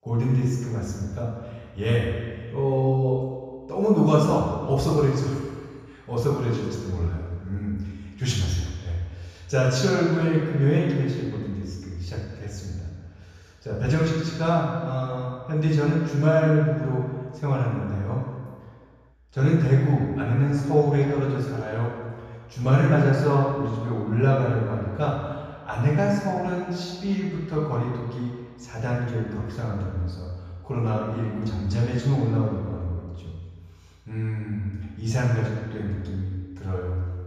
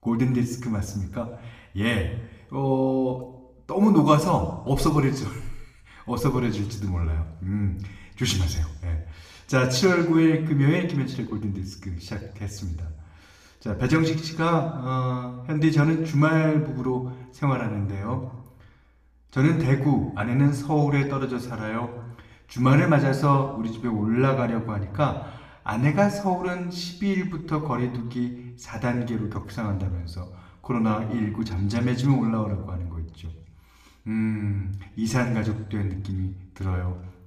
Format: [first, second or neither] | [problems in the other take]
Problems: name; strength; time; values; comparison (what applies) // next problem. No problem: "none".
second | room echo; strong; dies away in 1.8 s; slight in the second // off-mic speech; far; somewhat distant in the second